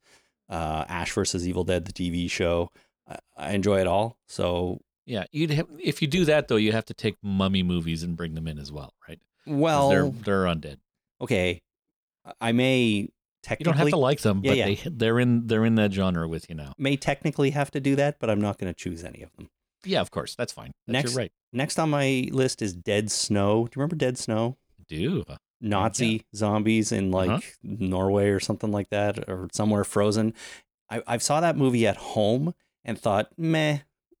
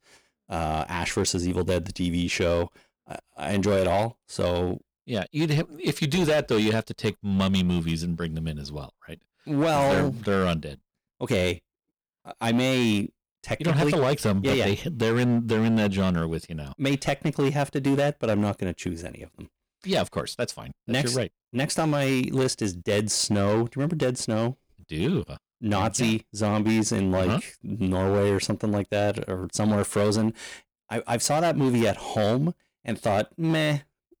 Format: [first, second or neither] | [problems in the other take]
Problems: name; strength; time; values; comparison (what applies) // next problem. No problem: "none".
first | distortion; slight; 8% of the sound clipped